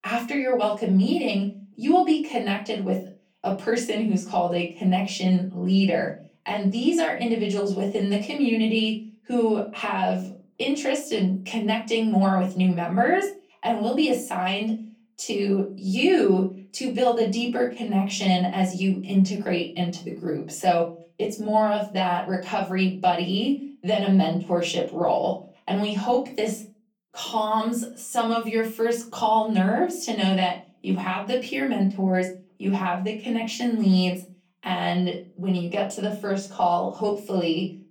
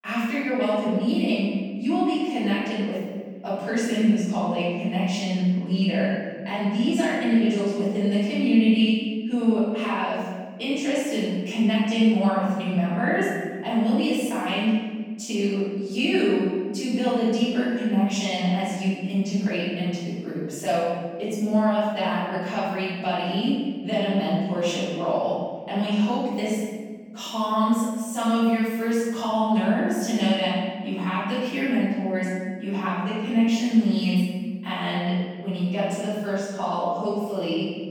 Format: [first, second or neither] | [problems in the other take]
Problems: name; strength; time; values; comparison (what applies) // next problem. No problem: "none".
first | room echo; strong; dies away in 1.5 s; slight in the first // off-mic speech; far; far in the first